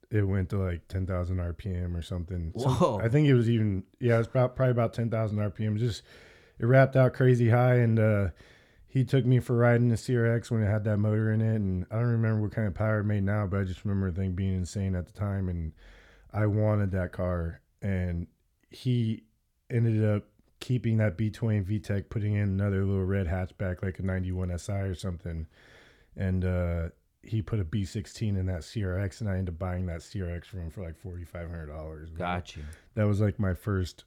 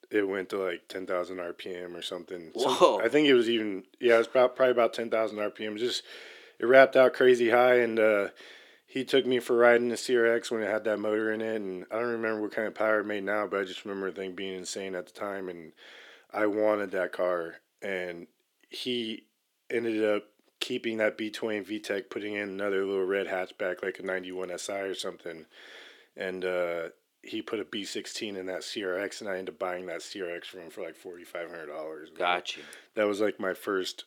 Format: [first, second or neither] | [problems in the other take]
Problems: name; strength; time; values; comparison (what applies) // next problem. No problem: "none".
first | thin; very; fading below 350 Hz